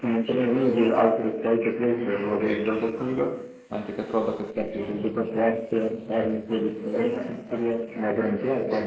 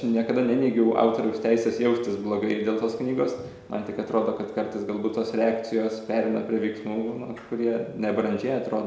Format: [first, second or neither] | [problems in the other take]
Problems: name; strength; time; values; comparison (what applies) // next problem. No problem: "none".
second | noise reduction (neural mask model Resemble Enhance denoiser)